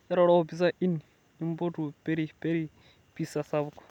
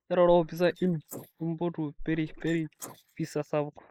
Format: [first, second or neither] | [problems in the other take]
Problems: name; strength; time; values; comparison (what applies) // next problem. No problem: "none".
first | noise reduction (neural mask model Resemble Enhance denoiser)